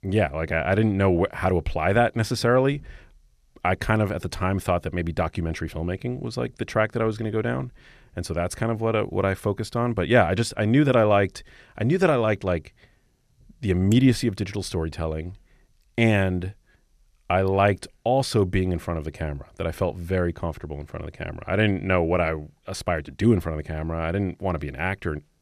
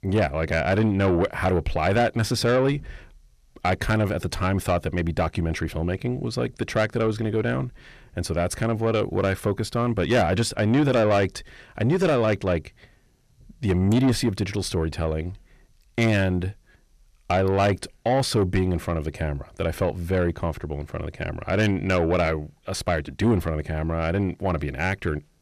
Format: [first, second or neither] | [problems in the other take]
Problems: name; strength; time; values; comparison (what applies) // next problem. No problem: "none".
first | distortion; slight; 10 dB below the speech